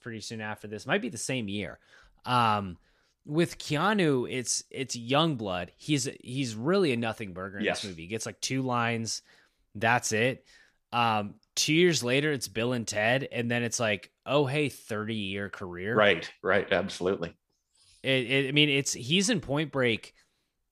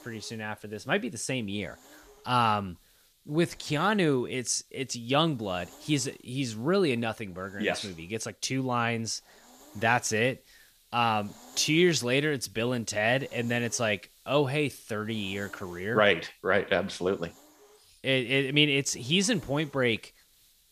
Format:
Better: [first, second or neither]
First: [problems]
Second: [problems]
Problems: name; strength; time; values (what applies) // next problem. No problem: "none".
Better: first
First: none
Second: hiss; faint; throughout; 25 dB below the speech